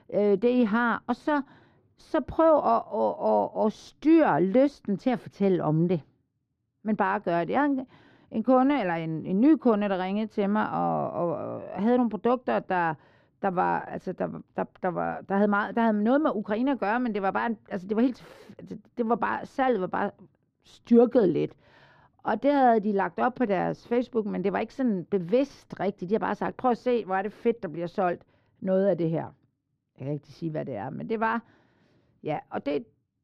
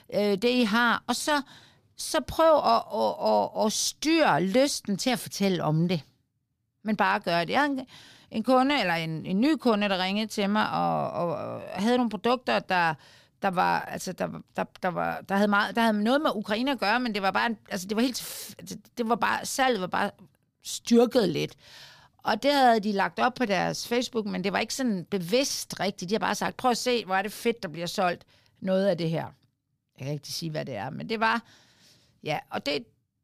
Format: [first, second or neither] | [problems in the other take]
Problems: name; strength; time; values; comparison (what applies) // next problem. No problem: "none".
second | muffled; very; fading above 3.5 kHz